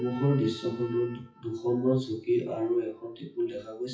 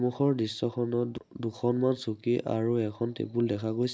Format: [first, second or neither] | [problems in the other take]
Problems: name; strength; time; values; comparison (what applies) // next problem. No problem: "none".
second | noise reduction (classical method WPE with log-MMSE)